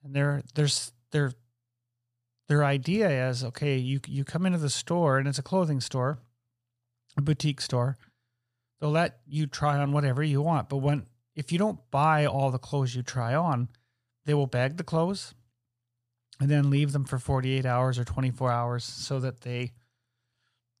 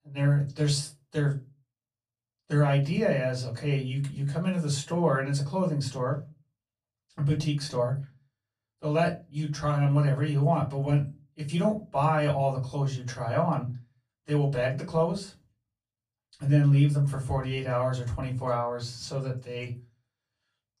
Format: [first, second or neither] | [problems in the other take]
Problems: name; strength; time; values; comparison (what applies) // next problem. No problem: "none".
first | off-mic speech; far // room echo; very slight; dies away in 0.2 s